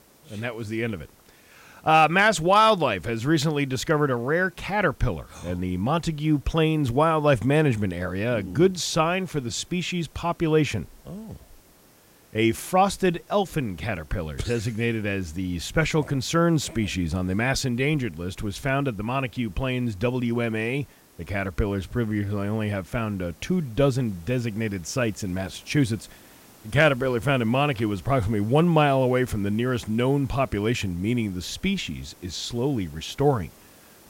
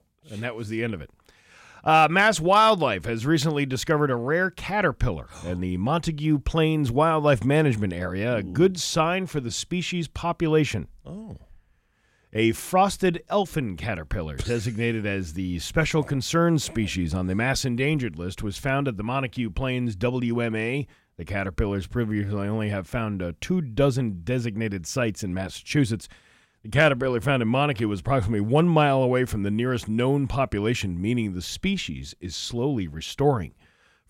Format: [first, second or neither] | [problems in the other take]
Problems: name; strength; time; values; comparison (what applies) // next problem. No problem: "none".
second | hiss; faint; throughout; 30 dB below the speech